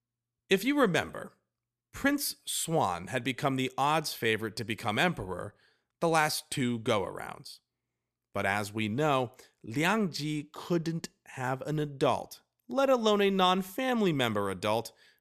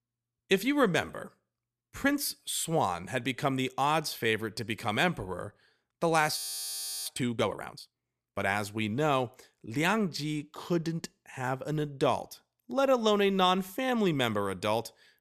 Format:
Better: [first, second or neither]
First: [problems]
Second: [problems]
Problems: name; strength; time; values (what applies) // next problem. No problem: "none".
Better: first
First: none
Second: audio freezing; at 6.5 s for 0.5 s